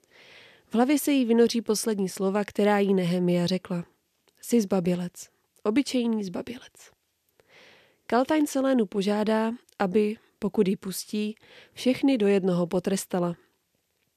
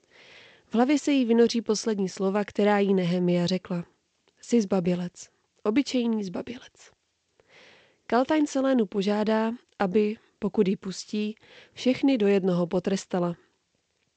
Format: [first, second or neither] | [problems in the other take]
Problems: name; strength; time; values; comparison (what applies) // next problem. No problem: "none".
first | garbled, watery; slightly; nothing above 8 kHz